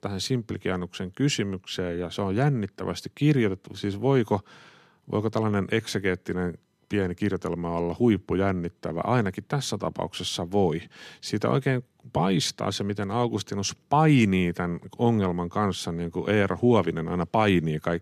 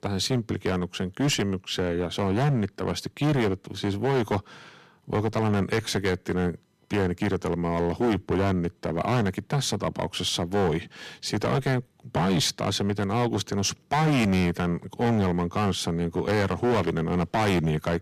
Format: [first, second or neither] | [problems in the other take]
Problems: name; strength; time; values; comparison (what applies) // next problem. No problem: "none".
first | distortion; heavy; 12% of the sound clipped